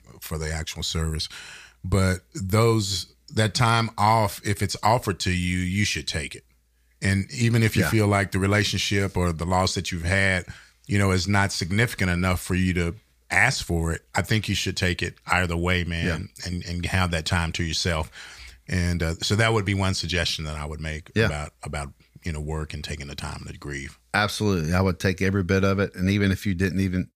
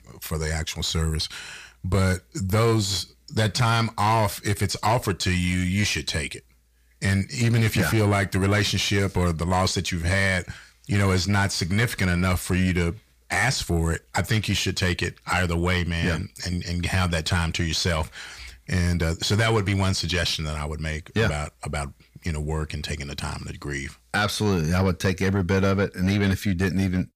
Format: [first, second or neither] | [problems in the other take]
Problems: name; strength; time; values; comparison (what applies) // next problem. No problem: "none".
first | distortion; slight; 10 dB below the speech